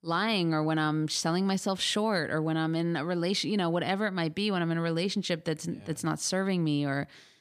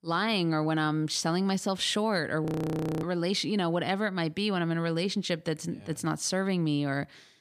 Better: first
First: none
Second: audio freezing; at 2.5 s for 0.5 s

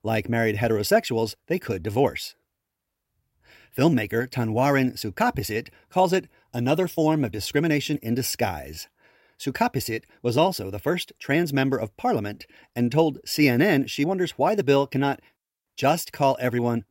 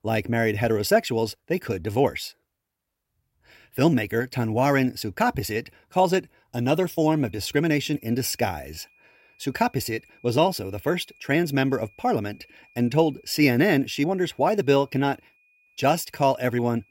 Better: first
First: none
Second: high-pitched whine; faint; from 7 s on; 2.5 kHz, 35 dB below the speech

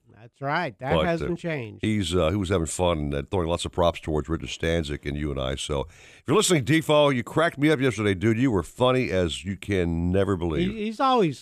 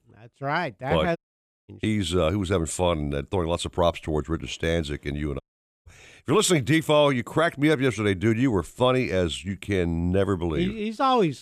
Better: first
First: none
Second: audio cutting out; at 1 s for 0.5 s and at 5.5 s

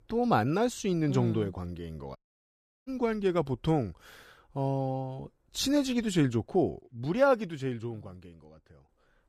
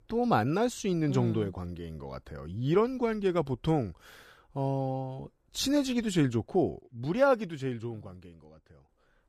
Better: second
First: audio cutting out; at 2 s for 0.5 s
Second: none

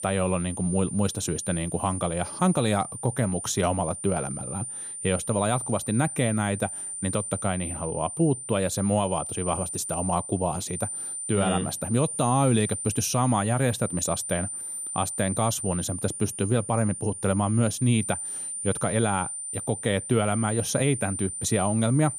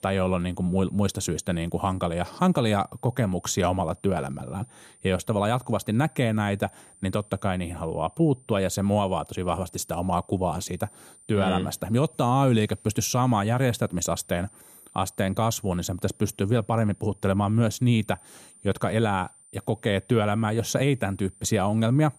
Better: second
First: high-pitched whine; loud; throughout; 9 kHz, 6 dB below the speech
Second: high-pitched whine; faint; throughout; 9 kHz, 25 dB below the speech

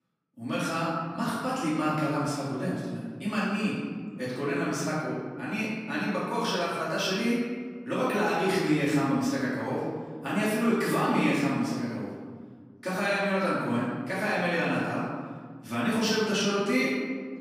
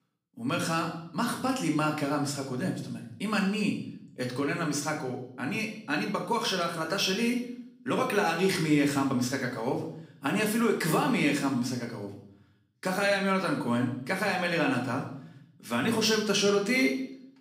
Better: second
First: room echo; strong; dies away in 1.6 s // off-mic speech; far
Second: room echo; slight; dies away in 0.6 s // off-mic speech; far

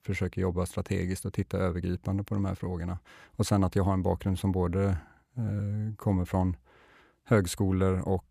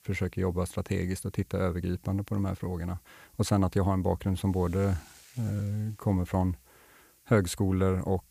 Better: first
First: none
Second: hiss; faint; throughout; 30 dB below the speech

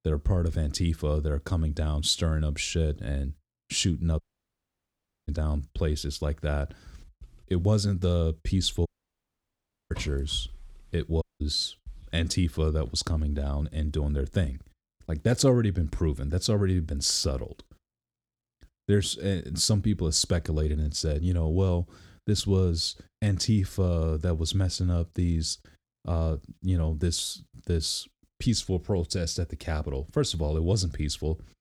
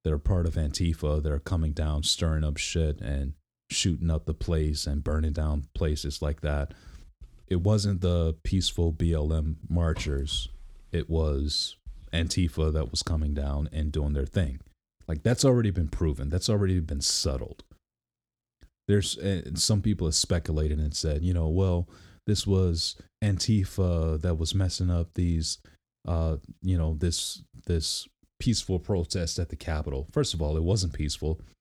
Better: second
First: audio cutting out; at 4 s for 1 s, at 9 s for 1 s and at 11 s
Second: none

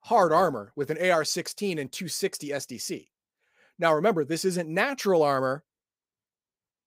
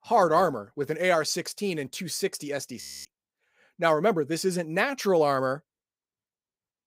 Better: first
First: none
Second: audio freezing; at 3 s

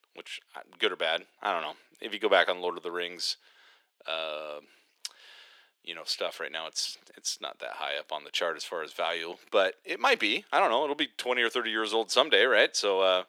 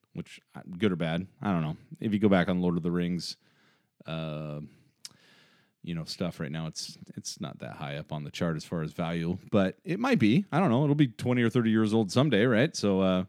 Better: second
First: thin; very; fading below 450 Hz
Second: none

